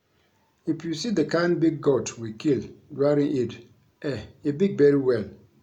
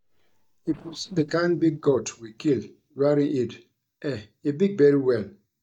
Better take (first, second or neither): first